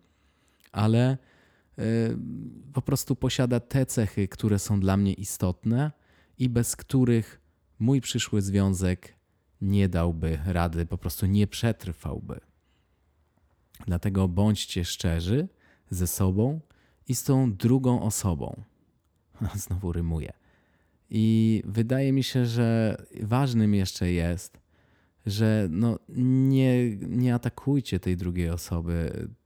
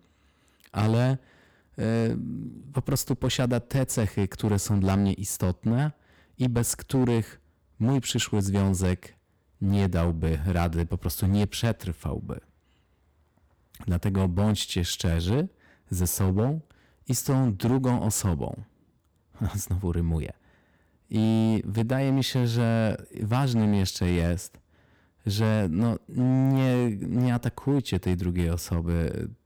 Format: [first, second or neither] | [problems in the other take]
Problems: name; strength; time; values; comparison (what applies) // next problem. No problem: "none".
first | distortion; slight; 10% of the sound clipped